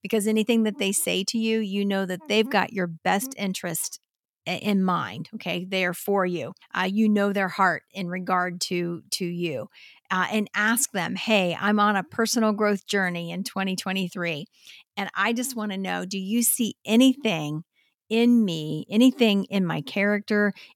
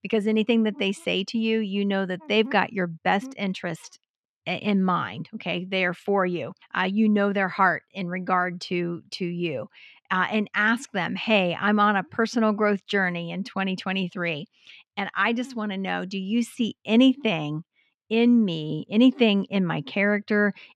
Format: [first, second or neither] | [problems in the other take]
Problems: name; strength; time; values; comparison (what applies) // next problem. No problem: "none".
first | muffled; slightly; fading above 3 kHz